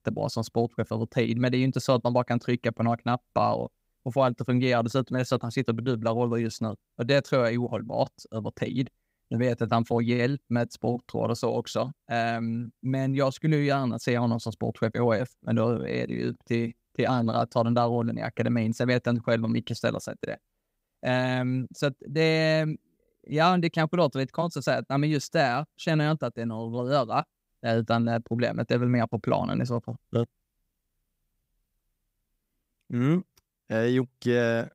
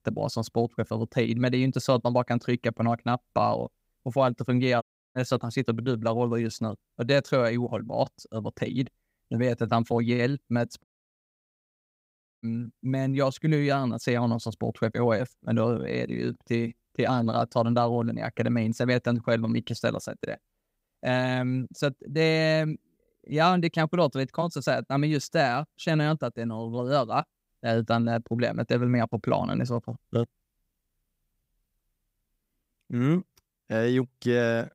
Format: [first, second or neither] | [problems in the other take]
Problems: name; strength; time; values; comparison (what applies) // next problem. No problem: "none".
first | audio cutting out; at 5 s and at 11 s for 1.5 s